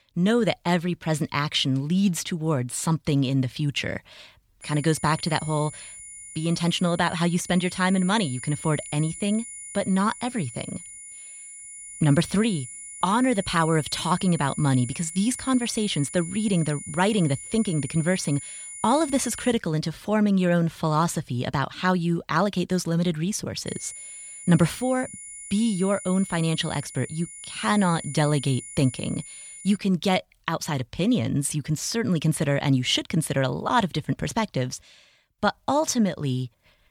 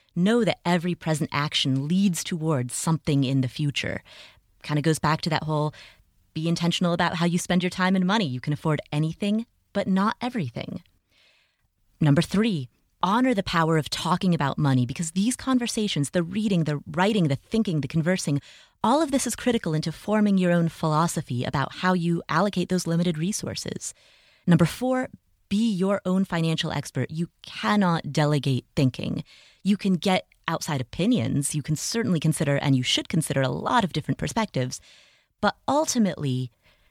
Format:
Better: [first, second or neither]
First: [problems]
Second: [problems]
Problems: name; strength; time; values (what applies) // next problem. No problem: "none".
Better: second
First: high-pitched whine; noticeable; from 4.5 to 20 s and from 24 to 30 s; 9.5 kHz, 10 dB below the speech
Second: none